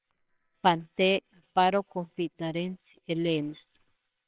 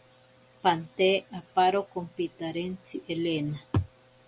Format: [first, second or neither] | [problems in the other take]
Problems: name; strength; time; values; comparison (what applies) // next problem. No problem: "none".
second | noise reduction (neural separator model SepFormer WHAMR!)